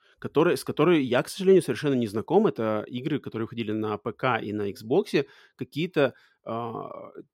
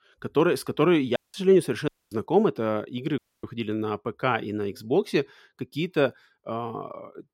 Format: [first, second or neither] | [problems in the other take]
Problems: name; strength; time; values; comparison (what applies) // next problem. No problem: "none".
first | audio cutting out; at 1 s, at 2 s and at 3 s